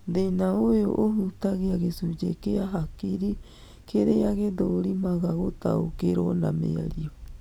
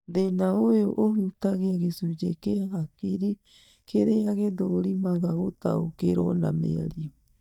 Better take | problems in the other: first | noise reduction (neural mask model DeepFilterNet 3)

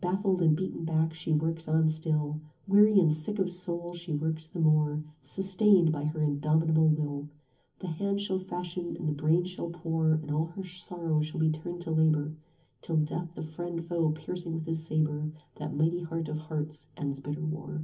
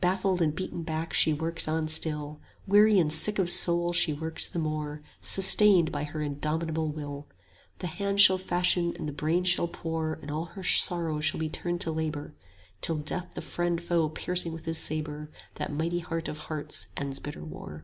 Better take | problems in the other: second | room echo; dies away in 0.3 s

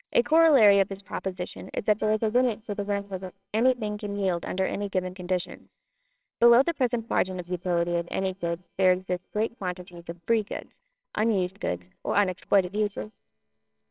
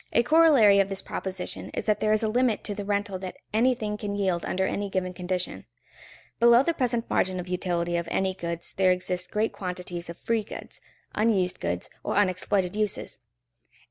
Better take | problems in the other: second | noise reduction (neural separator model SepFormer WHAMR!)

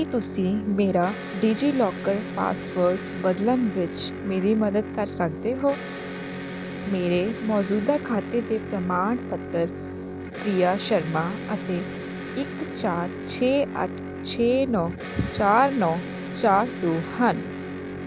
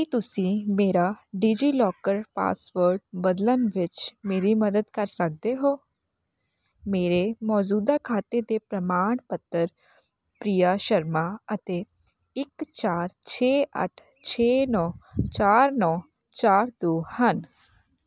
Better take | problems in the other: second | background sound (Electric guitar); 8 dB below the speech

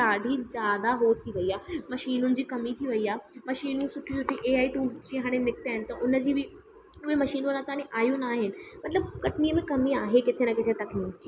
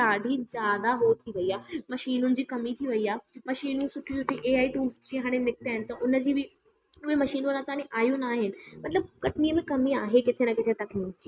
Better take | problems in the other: first | noise reduction (neural mask model RNNoise)

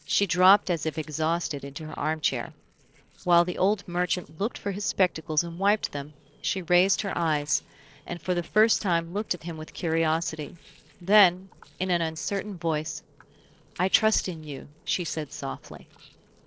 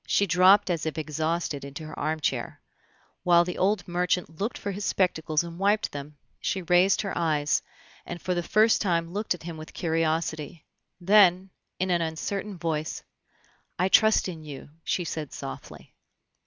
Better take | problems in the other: second | noise reduction (neural separator model SepFormer DNS4)

